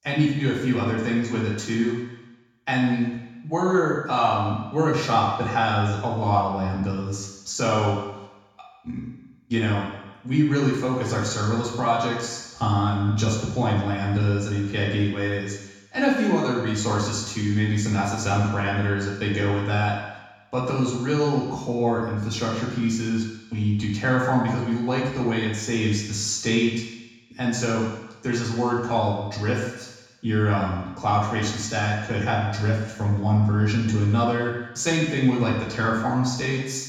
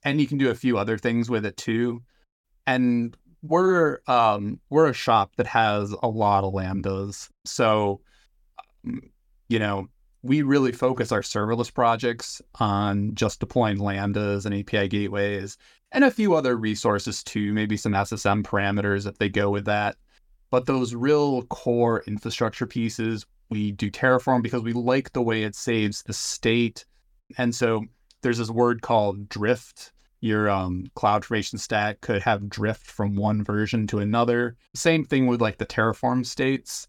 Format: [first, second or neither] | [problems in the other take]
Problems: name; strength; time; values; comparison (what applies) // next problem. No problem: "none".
second | room echo; noticeable; dies away in 1.1 s // off-mic speech; far